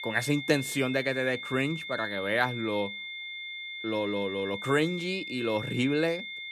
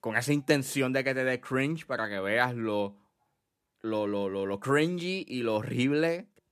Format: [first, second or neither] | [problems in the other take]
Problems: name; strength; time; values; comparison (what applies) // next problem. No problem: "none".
second | high-pitched whine; loud; throughout; 2 kHz, 7 dB below the speech